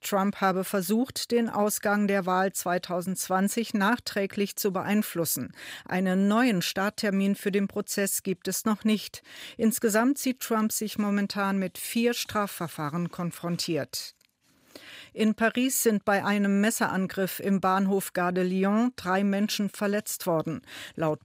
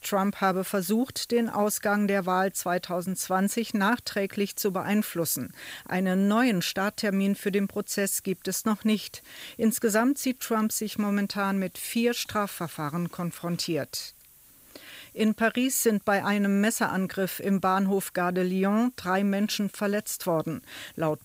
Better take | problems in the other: first | hiss; faint; throughout; 25 dB below the speech

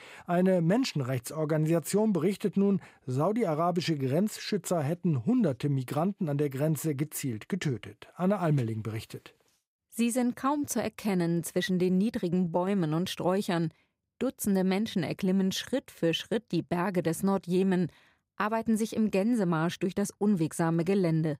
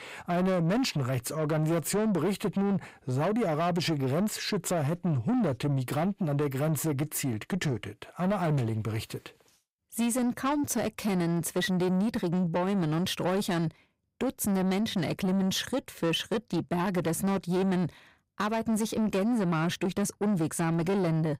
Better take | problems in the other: first | distortion; slight; 10 dB below the speech

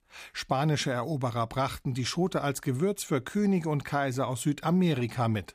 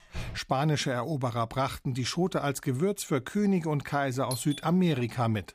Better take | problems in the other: first | door banging; faint; at the start; peak 10 dB below the speech // doorbell; noticeable; at 4.5 s; peak 10 dB below the speech

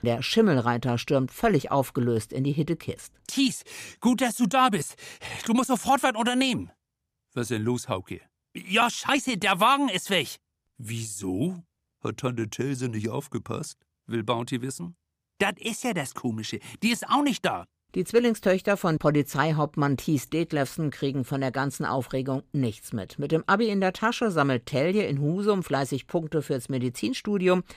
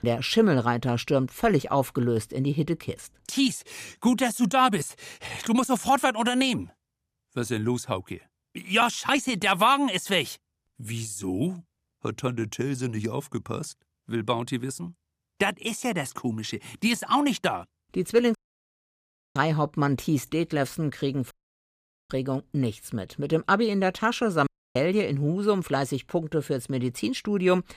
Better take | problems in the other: first | audio cutting out; at 18 s for 1 s, at 21 s for 1 s and at 24 s

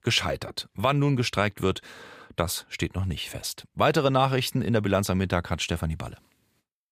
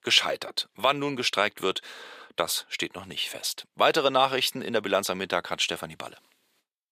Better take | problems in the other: first | thin; somewhat; fading below 400 Hz

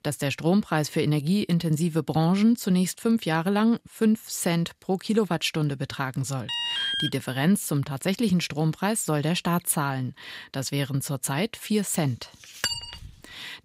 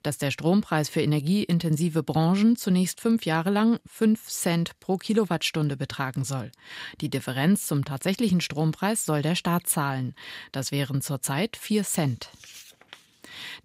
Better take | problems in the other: second | alarm; loud; at 6.5 s; peak level with the speech // clattering dishes; noticeable; at 13 s; peak 3 dB below the speech

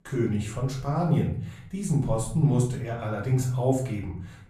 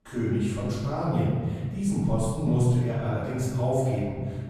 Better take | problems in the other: first | room echo; strong; dies away in 1.7 s; slight in the first // off-mic speech; far; far in the first

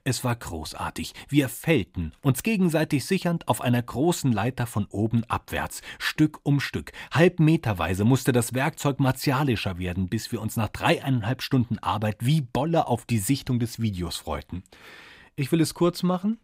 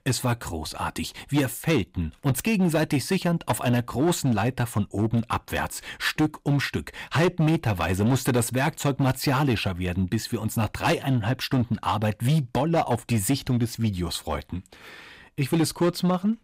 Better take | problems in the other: first | distortion; slight; 8% of the sound clipped

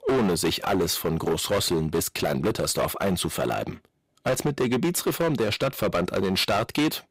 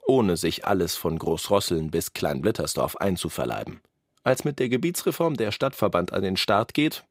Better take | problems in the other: second | distortion; heavy; 14% of the sound clipped

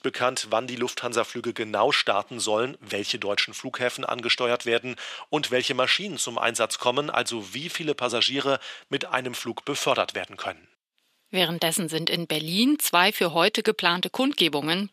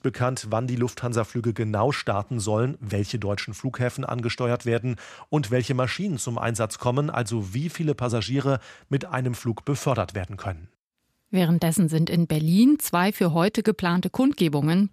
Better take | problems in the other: second | thin; somewhat; fading below 400 Hz

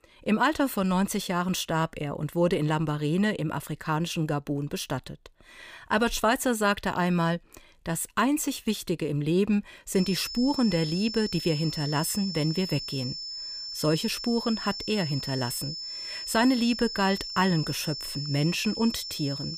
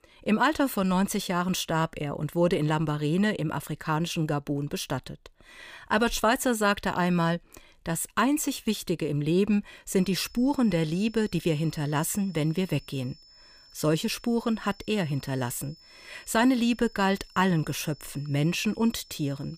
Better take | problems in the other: second | high-pitched whine; loud; from 10 s on; 5.5 kHz, 7 dB below the speech; faint in the second

